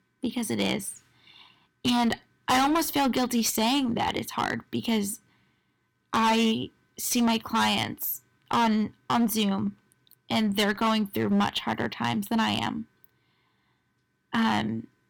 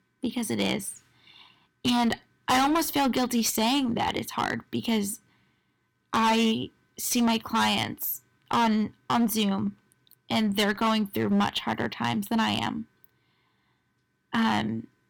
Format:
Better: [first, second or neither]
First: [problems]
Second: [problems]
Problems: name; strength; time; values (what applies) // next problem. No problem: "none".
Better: neither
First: distortion; heavy; 10% of the sound clipped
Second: distortion; heavy; 10% of the sound clipped